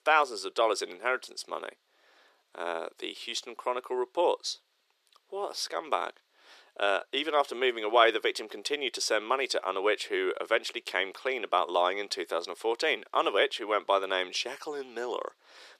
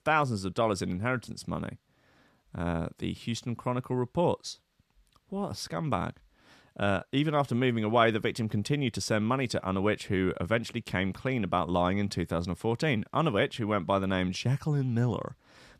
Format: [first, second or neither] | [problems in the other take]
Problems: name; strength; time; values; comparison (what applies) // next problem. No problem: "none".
second | thin; very; fading below 350 Hz